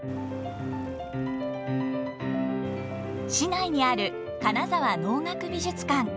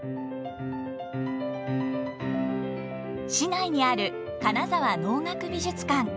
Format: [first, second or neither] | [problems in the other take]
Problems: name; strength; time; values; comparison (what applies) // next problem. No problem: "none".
second | background sound (Engine); 14 dB below the speech